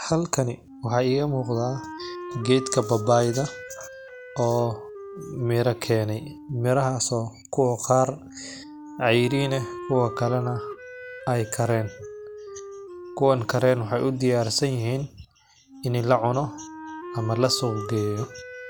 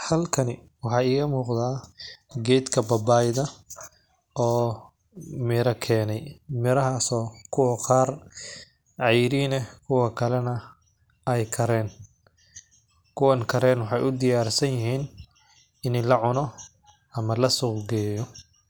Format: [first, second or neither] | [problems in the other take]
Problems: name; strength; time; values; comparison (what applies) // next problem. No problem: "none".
second | background sound (Wind instrument, woodwind instrument); 14 dB below the speech